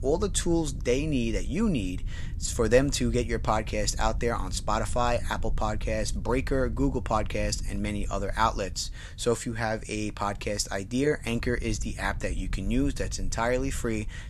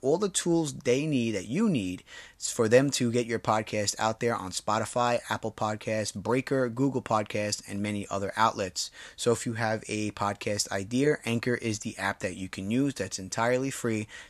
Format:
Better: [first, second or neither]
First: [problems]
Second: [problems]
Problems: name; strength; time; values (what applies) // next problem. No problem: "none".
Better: second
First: low rumble; faint; throughout; 25 dB below the speech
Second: none